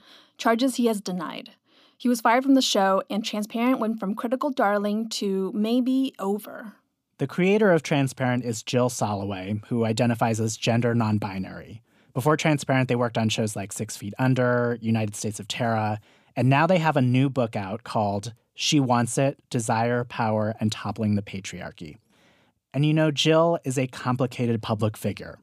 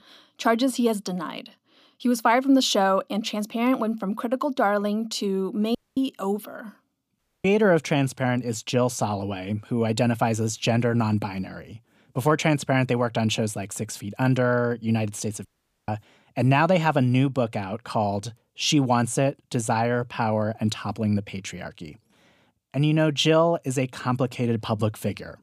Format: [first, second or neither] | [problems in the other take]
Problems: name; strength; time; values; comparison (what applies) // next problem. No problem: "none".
first | audio cutting out; at 6 s, at 7 s and at 15 s